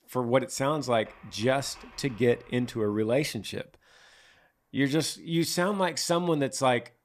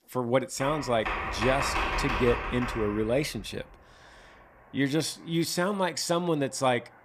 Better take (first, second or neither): first